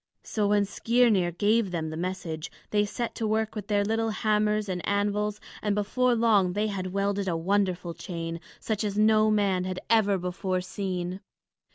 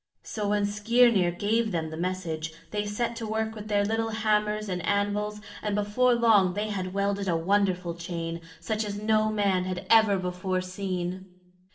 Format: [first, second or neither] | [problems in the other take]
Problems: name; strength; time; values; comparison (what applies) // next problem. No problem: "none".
first | room echo; dies away in 0.7 s